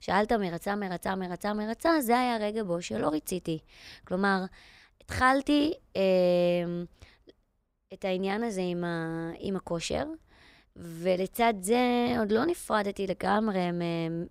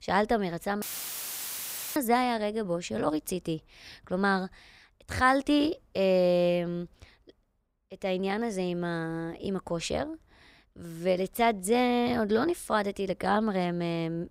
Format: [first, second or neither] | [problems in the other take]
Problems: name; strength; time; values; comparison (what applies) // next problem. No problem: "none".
first | audio cutting out; filled with static; at 1 s for 1 s